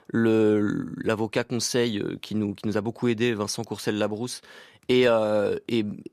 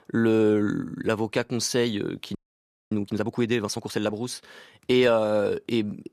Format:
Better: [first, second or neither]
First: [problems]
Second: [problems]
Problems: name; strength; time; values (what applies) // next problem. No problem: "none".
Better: first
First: none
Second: audio freezing; at 2.5 s for 0.5 s